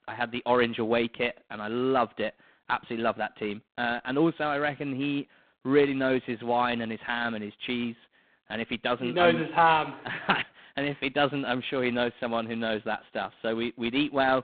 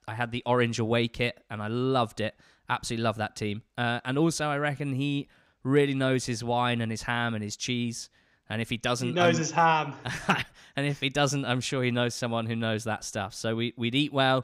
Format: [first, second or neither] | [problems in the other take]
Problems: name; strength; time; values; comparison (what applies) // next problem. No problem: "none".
second | phone-call audio; poor line; nothing above 4 kHz